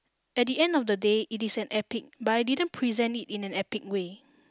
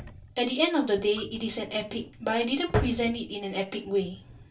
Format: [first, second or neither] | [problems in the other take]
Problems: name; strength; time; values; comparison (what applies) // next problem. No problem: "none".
first | background sound (Drawer open or close); 8 dB below the speech // room echo; dies away in 0.2 s